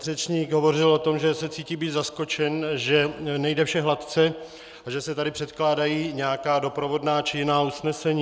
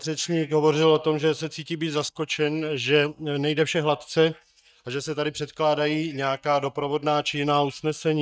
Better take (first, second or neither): first